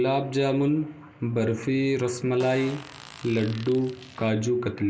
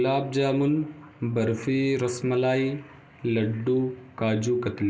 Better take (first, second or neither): second